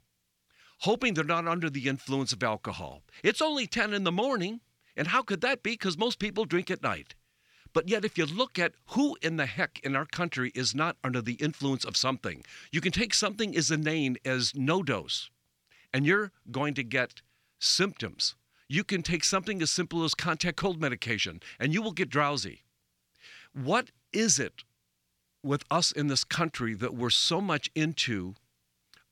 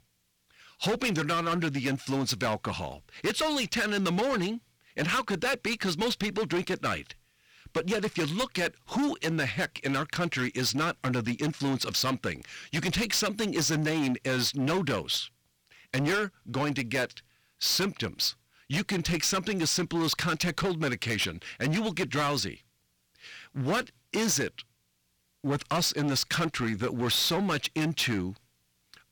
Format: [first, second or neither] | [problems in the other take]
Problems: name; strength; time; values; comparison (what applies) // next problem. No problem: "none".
first | distortion; heavy; 16% of the sound clipped